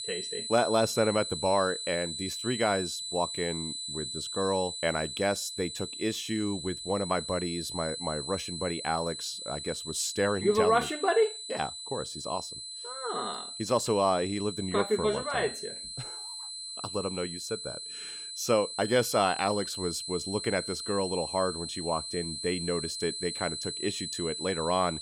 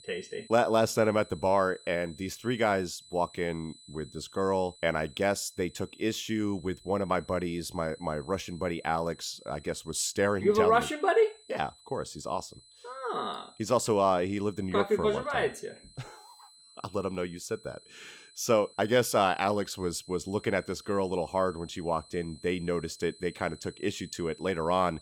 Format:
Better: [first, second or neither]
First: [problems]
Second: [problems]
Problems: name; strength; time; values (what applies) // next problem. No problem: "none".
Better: second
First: high-pitched whine; loud; throughout; 4 kHz, 6 dB below the speech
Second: high-pitched whine; faint; throughout; 4 kHz, 25 dB below the speech